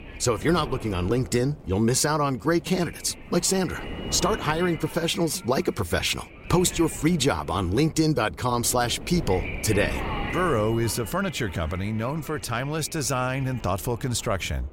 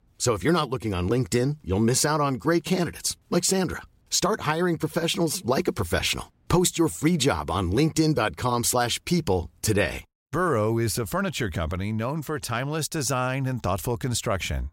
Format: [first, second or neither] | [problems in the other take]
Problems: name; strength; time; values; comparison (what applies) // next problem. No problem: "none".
second | wind noise on the microphone; occasional gusts; 10 dB below the speech